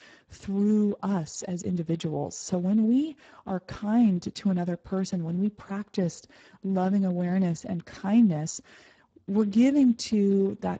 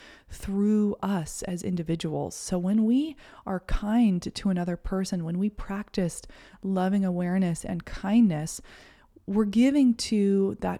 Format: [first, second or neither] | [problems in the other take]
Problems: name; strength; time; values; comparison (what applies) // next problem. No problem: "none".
second | garbled, watery; badly; nothing above 7.5 kHz